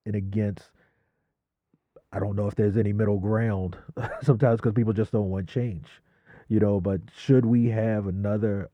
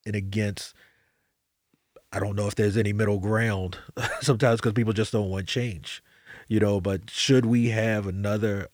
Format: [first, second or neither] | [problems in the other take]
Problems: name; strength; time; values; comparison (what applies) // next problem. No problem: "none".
second | muffled; very; fading above 2 kHz